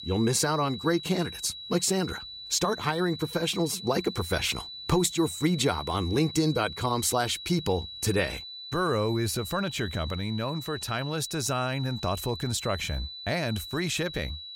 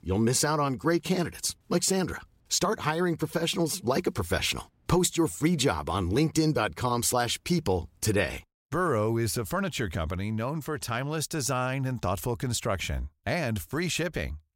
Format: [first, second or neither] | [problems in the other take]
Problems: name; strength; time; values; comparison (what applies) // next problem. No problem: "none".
second | high-pitched whine; noticeable; throughout; 4 kHz, 10 dB below the speech